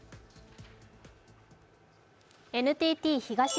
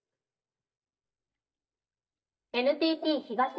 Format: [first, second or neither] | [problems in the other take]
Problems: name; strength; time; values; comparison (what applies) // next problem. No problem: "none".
first | noise reduction (neural mask model DeepFilterNet 3)